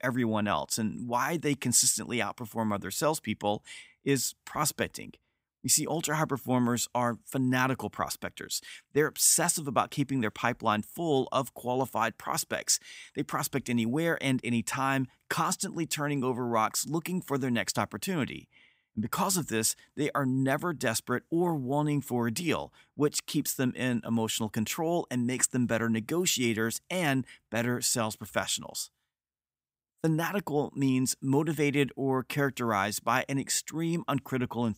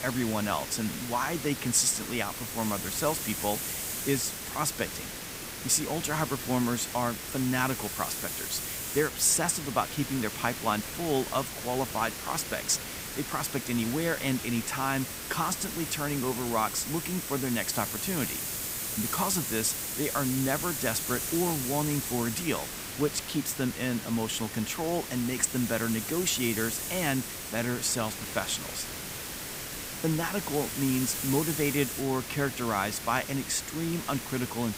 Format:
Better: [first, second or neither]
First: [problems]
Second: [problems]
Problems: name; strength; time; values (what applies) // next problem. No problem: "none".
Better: first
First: none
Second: hiss; loud; throughout; 4 dB below the speech